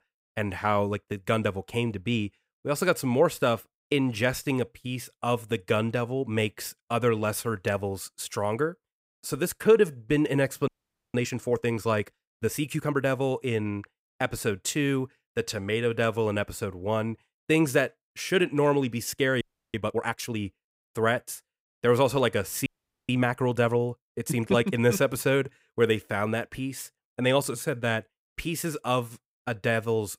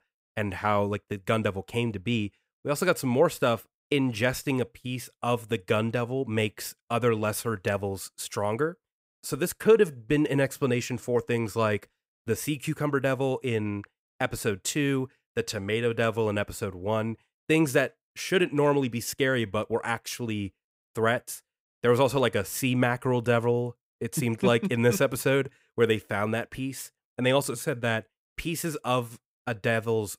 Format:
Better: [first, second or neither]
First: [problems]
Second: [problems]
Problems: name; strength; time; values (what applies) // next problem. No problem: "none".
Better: second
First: audio freezing; at 11 s, at 19 s and at 23 s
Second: none